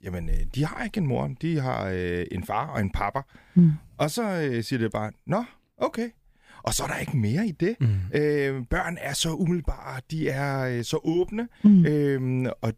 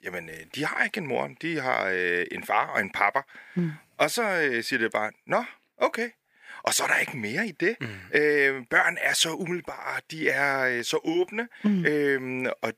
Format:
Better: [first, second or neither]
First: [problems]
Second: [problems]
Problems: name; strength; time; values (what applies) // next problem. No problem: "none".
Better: first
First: none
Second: thin; somewhat; fading below 350 Hz